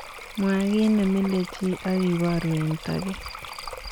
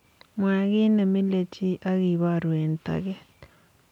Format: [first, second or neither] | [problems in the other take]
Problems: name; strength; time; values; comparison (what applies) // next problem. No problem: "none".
second | background sound (Stream + Cricket / Frog); 13 dB below the speech